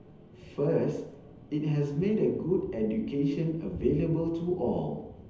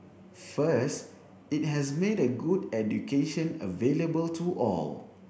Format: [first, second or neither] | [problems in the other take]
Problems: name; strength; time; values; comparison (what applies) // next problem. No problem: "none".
second | background sound (Thunder / Rain); 17 dB below the speech // room echo; dies away in 1.2 s